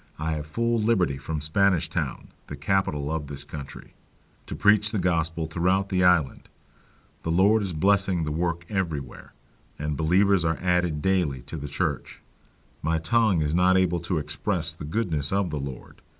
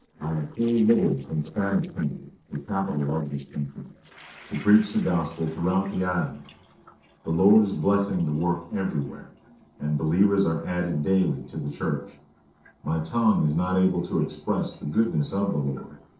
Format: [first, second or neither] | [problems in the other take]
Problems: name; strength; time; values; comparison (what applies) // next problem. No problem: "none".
first | noise reduction (neural separator model SepFormer DNS4)